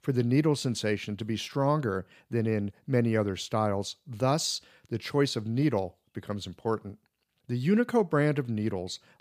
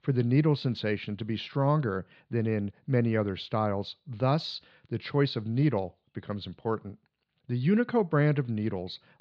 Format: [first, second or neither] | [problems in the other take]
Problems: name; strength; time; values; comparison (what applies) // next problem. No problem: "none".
first | muffled; very slightly; fading above 4 kHz